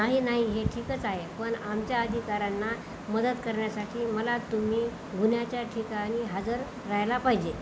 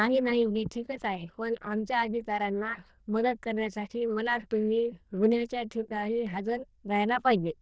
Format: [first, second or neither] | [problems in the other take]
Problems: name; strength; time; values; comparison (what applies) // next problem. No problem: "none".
first | noise reduction (neural diffusion model UNIVERSE++)